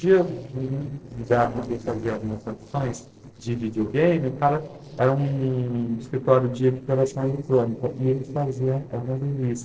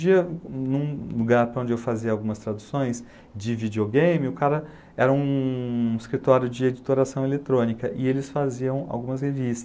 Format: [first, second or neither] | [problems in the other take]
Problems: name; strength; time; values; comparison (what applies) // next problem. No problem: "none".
second | noise reduction (neural separator model SepFormer DNS4)